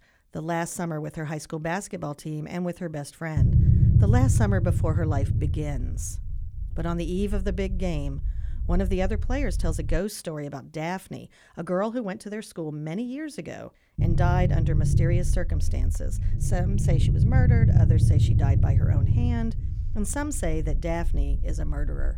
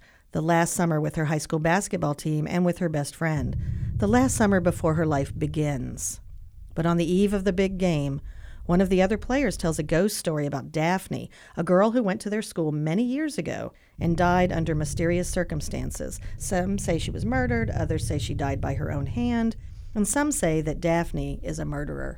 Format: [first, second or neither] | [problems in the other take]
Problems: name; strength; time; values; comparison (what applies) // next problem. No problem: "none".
second | low rumble; loud; from 3.5 to 10 s and from 14 s on; 3 dB below the speech; faint in the second